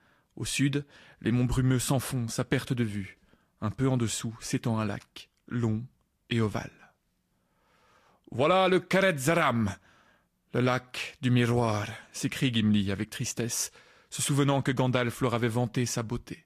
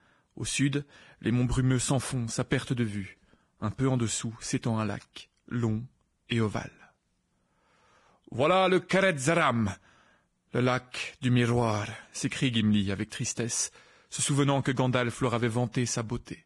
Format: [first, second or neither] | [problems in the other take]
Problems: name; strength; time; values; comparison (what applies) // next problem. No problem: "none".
first | garbled, watery; badly; nothing above 10 kHz; slightly in the first